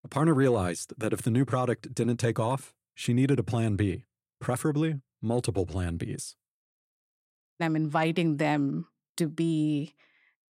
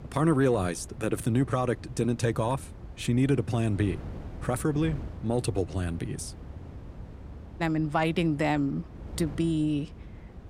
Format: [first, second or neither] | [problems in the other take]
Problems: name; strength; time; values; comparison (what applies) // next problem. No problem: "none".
first | wind noise on the microphone; occasional gusts; 20 dB below the speech